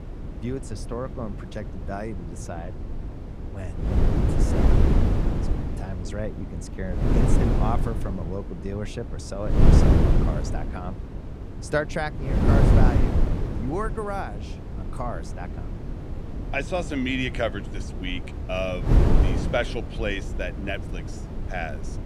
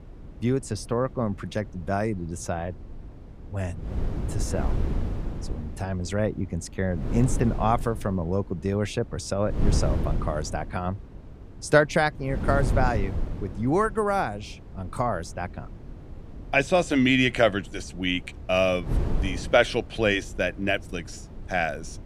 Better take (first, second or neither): second